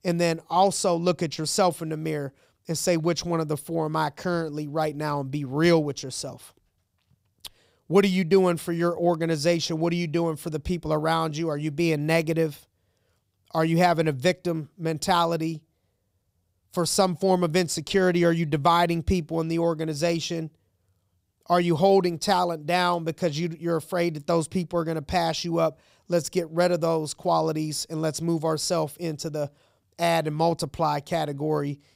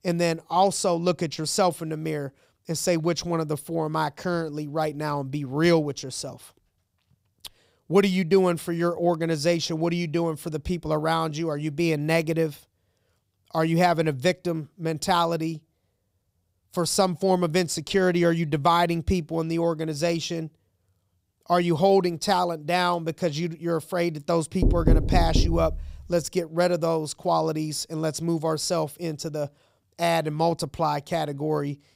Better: first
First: none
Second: door banging; loud; from 25 to 26 s; peak 3 dB above the speech

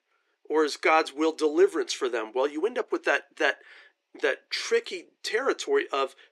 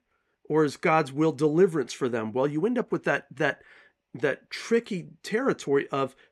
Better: second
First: thin; somewhat; fading below 350 Hz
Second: none

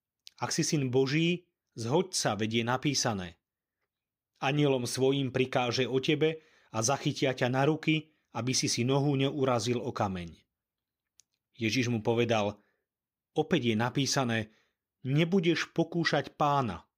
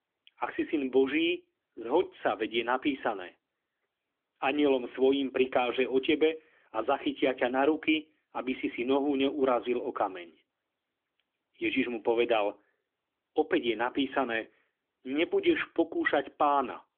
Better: first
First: none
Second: phone-call audio; nothing above 3.5 kHz

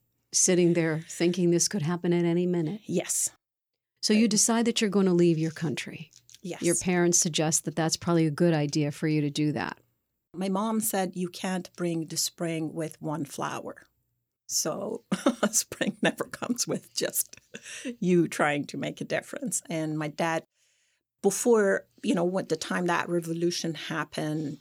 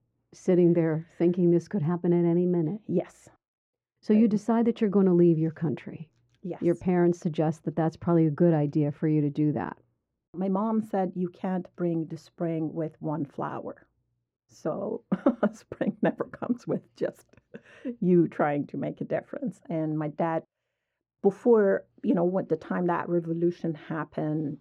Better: first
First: none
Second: muffled; very; fading above 3 kHz

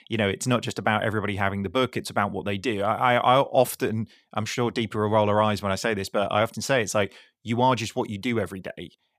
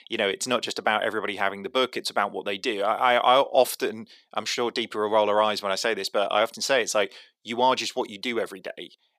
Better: first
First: none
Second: thin; somewhat; fading below 400 Hz

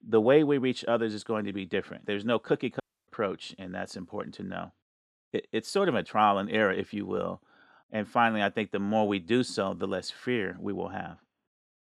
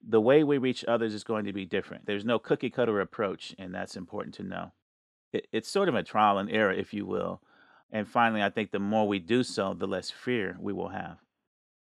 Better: second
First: audio cutting out; at 3 s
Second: none

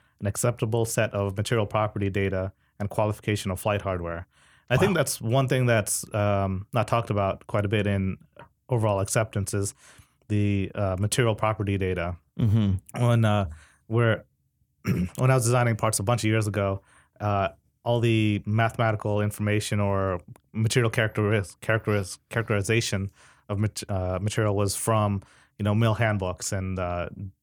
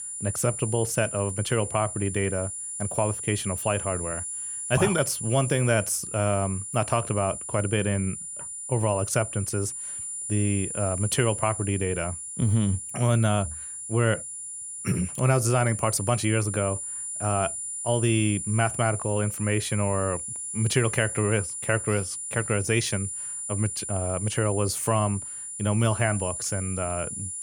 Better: first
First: none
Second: high-pitched whine; loud; throughout; 9.5 kHz, 5 dB below the speech

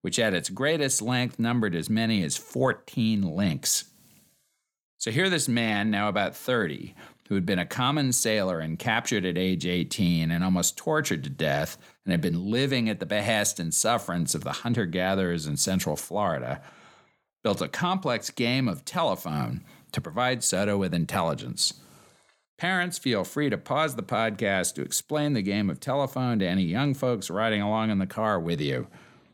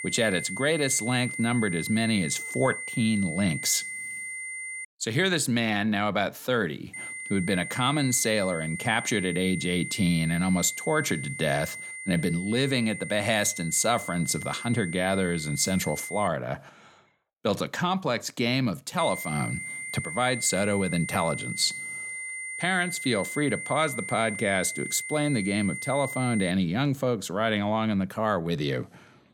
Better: first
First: none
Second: high-pitched whine; loud; until 5 s, from 7 to 16 s and from 19 to 27 s; 2 kHz, 8 dB below the speech

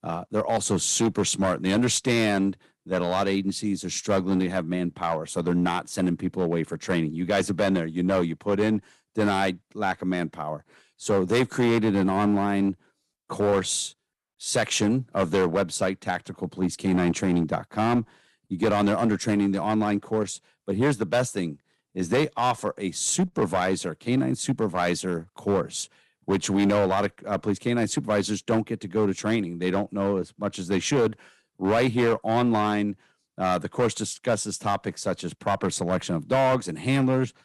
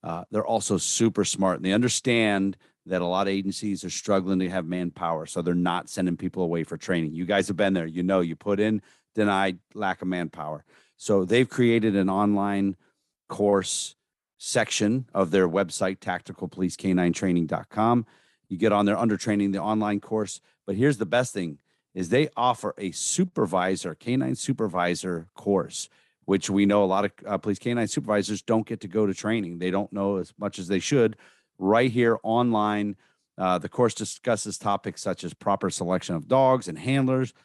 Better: second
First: distortion; slight; 6% of the sound clipped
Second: none

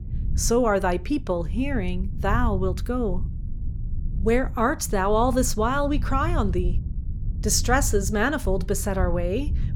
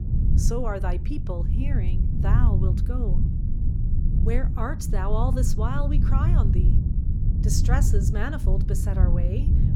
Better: first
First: low rumble; faint; throughout; 20 dB below the speech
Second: low rumble; loud; throughout; 4 dB below the speech

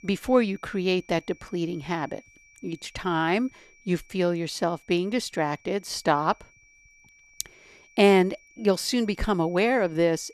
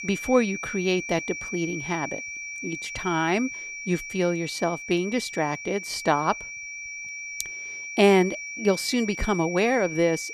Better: first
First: high-pitched whine; faint; throughout; 2.5 kHz, 30 dB below the speech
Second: high-pitched whine; loud; throughout; 2.5 kHz, 8 dB below the speech

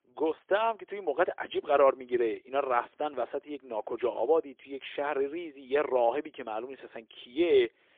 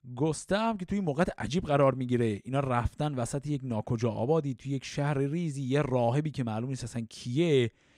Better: second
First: phone-call audio; poor line; nothing above 3.5 kHz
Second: none

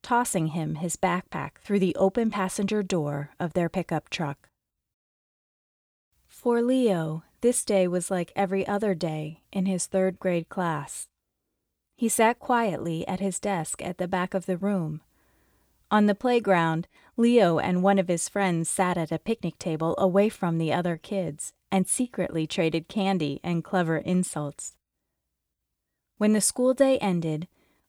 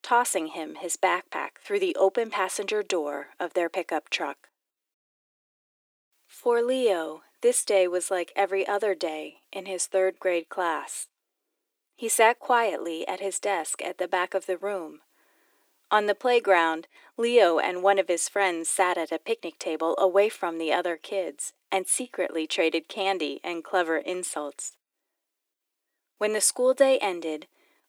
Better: first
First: none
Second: thin; very; fading below 300 Hz

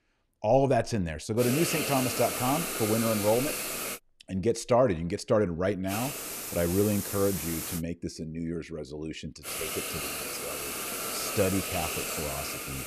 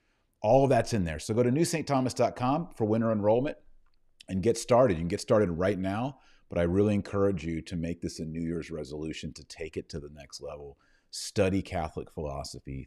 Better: second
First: hiss; loud; from 1.5 to 4 s, from 6 to 8 s and from 9.5 s on; 3 dB below the speech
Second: none

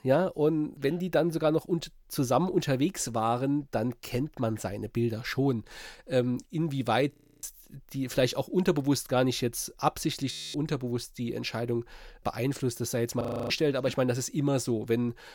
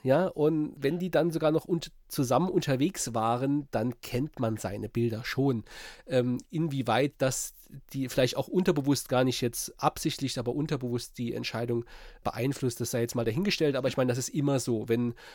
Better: second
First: audio freezing; at 7 s, at 10 s and at 13 s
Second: none

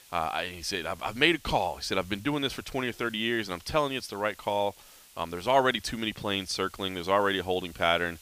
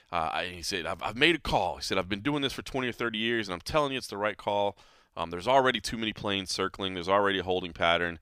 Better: second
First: hiss; faint; throughout; 25 dB below the speech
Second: none

